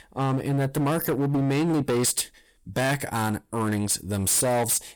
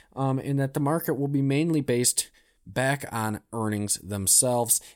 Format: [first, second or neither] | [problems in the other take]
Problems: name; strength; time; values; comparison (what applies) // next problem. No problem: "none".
second | distortion; heavy; 21% of the sound clipped